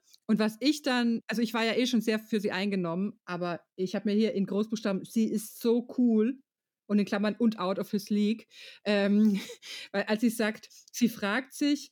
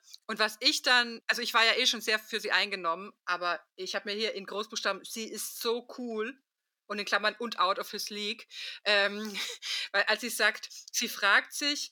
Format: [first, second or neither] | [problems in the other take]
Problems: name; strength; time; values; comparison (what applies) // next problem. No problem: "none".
first | thin; very; fading below 650 Hz